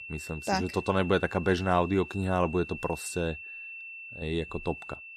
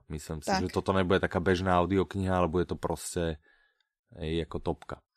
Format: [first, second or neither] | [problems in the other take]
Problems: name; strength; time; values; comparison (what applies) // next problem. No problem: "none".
second | high-pitched whine; noticeable; throughout; 2.5 kHz, 10 dB below the speech